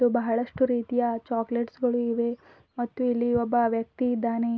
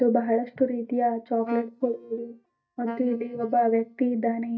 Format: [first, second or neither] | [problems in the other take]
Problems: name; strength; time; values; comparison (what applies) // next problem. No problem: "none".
first | noise reduction (neural mask model DeepFilterNet 3)